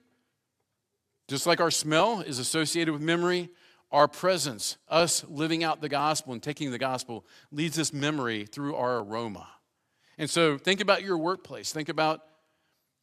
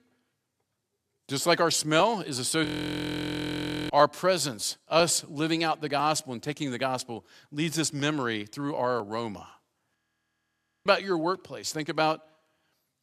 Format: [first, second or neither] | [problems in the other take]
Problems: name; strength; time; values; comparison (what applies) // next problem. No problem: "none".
first | audio freezing; at 2.5 s for 1 s and at 10 s for 1 s